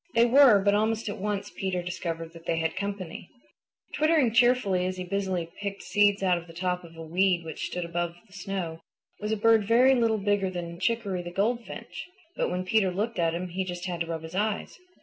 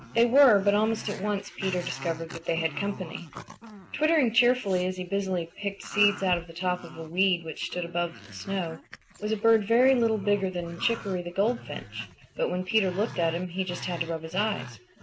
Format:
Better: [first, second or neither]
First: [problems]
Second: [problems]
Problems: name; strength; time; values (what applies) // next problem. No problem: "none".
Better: first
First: none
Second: background sound (Growling); 16 dB below the speech